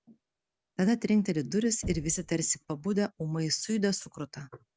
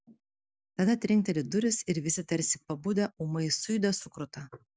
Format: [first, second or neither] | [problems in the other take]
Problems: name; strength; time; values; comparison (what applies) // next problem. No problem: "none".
second | background sound (Knock); 18 dB below the speech